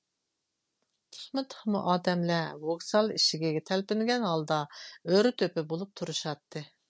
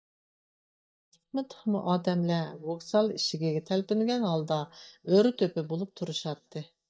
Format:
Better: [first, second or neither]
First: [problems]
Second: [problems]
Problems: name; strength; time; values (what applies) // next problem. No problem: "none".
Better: first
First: none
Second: noise reduction (neural mask model DeepFilterNet 3)